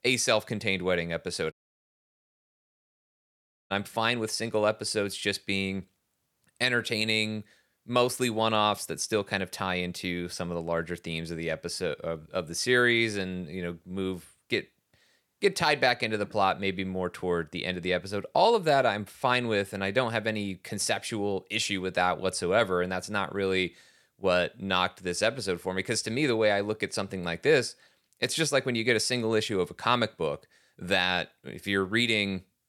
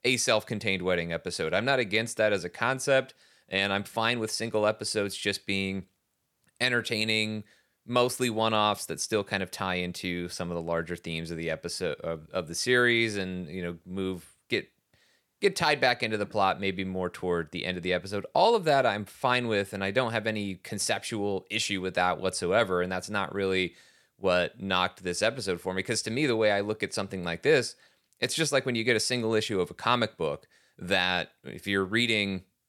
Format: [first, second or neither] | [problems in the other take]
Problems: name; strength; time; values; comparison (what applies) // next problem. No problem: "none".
second | audio cutting out; at 1.5 s for 2 s